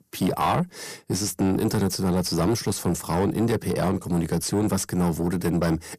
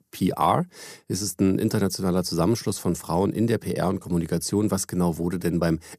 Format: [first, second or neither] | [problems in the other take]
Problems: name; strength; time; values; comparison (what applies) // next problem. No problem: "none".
second | distortion; slight; 10 dB below the speech